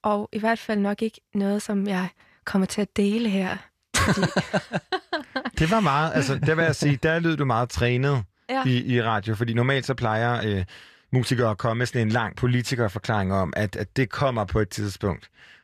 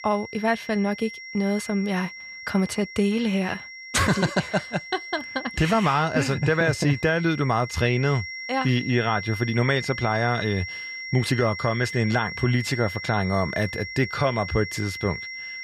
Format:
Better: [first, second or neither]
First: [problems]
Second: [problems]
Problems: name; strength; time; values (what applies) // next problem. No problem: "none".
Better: first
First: none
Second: high-pitched whine; loud; throughout; 2 kHz, 10 dB below the speech